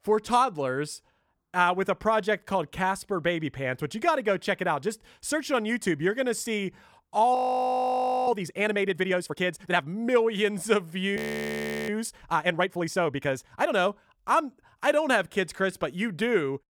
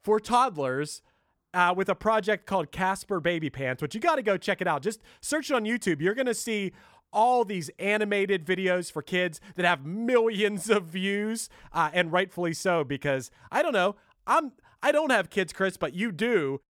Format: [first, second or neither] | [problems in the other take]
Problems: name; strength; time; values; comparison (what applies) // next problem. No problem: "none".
second | audio freezing; at 7.5 s for 1 s and at 11 s for 0.5 s